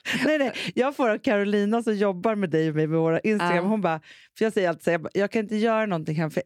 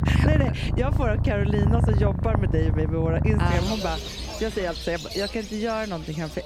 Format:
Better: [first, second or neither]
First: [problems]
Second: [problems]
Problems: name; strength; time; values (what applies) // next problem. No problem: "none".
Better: first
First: none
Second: animal sounds; very loud; throughout; 3 dB above the speech